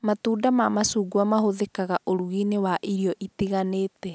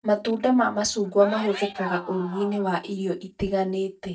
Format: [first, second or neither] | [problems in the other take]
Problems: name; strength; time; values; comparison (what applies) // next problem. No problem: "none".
first | noise reduction (neural mask model DeepFilterNet 3)